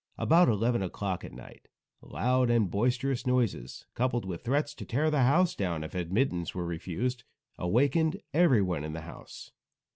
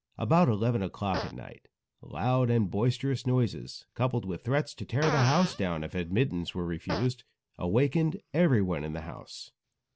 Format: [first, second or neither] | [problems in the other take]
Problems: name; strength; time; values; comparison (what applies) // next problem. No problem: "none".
first | background sound (Fart); 14 dB below the speech